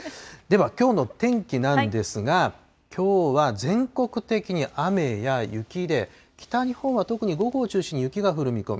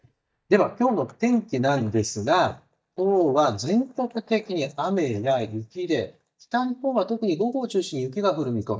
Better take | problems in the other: first | noise reduction (neural mask model DeepFilterNet 3)

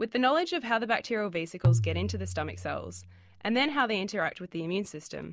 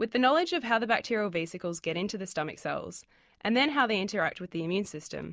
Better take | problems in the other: second | background sound (Tabla); as loud as the speech

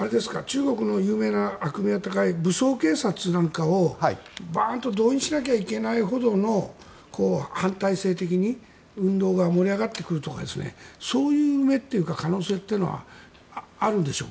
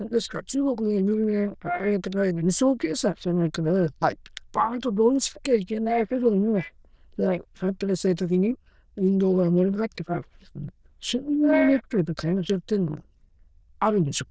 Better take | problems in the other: first | noise reduction (neural diffusion model UNIVERSE++)

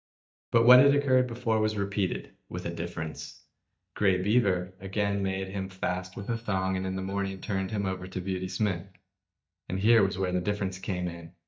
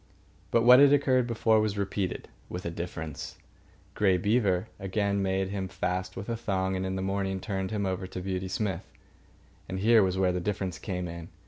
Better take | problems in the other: second | noise reduction (neural mask model DeepFilterNet 3)

